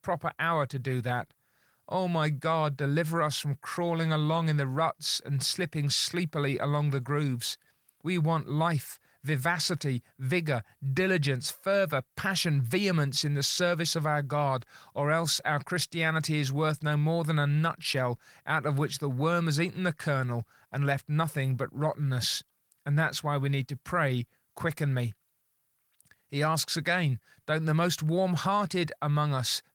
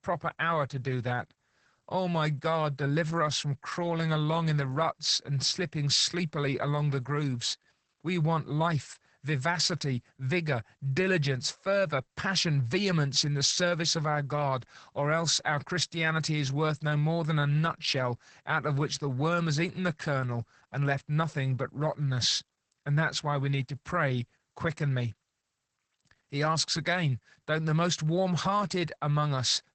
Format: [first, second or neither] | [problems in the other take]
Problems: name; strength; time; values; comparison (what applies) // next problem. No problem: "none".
first | garbled, watery; badly; nothing above 8 kHz; slightly in the first